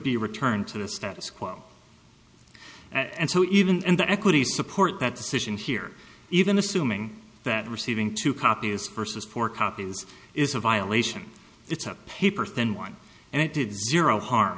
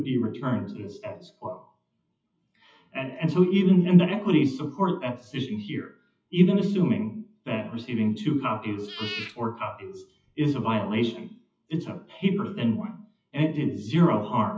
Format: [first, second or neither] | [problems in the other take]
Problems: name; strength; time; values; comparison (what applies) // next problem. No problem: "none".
first | noise reduction (classical method WPE with log-MMSE)